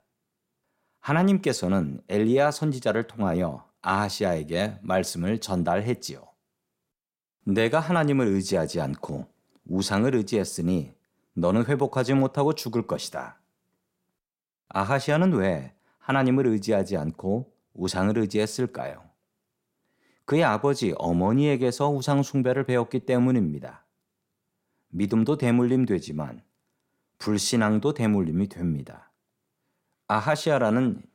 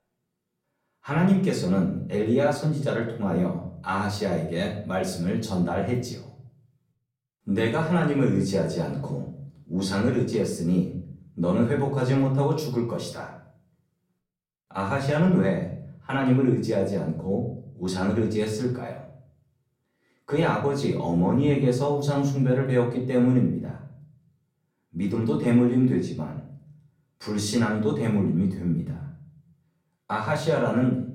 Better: first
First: none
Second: room echo; slight; dies away in 0.7 s // off-mic speech; far

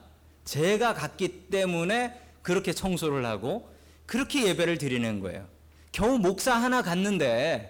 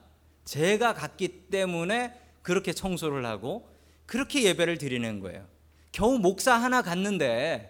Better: second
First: distortion; slight; 10 dB below the speech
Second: none

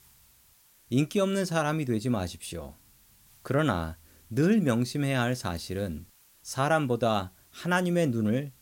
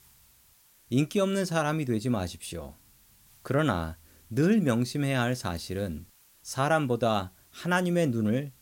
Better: neither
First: hiss; faint; throughout; 30 dB below the speech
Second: hiss; faint; throughout; 30 dB below the speech

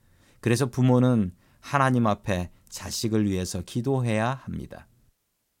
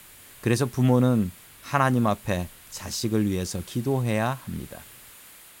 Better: first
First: none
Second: hiss; faint; throughout; 20 dB below the speech

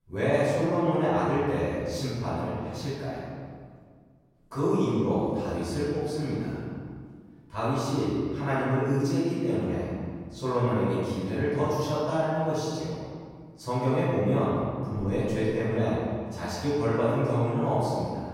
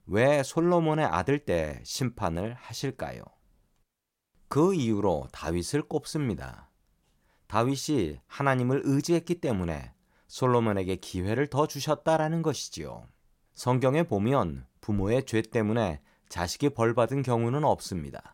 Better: second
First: off-mic speech; far // room echo; strong; dies away in 1.8 s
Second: none

